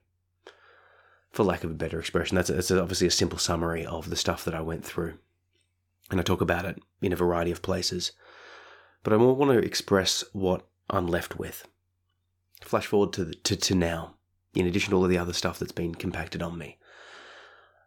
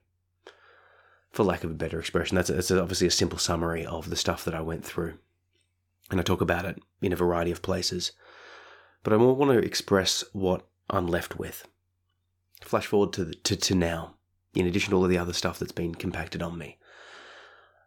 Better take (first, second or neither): neither